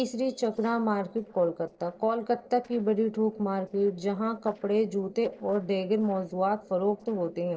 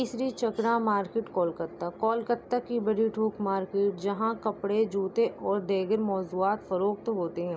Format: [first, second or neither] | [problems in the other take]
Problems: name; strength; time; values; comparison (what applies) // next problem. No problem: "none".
second | noise reduction (neural separator model SepFormer DNS4)